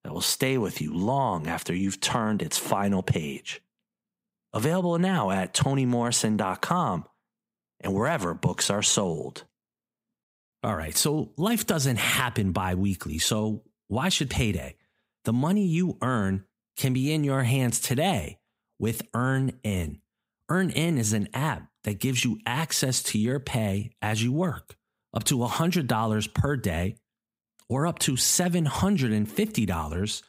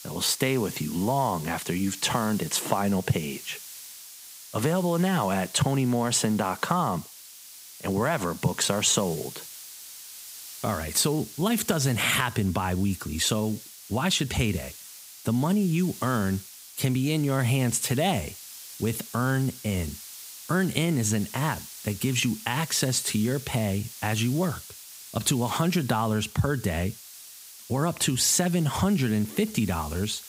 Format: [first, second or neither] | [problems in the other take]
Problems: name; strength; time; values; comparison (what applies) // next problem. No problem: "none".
first | hiss; noticeable; throughout; 15 dB below the speech